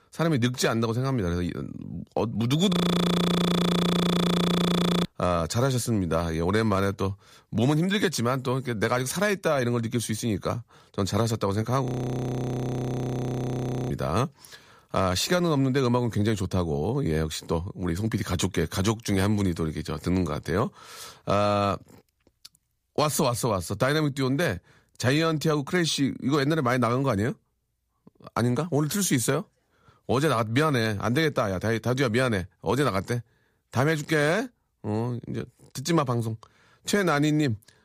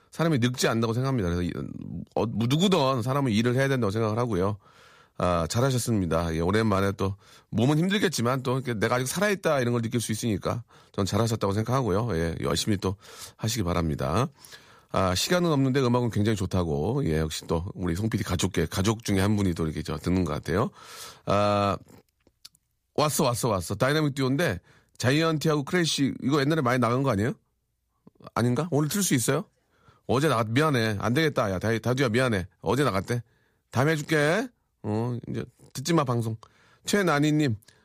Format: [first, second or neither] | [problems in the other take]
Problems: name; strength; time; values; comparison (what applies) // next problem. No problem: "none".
second | audio freezing; at 2.5 s for 2.5 s and at 12 s for 2 s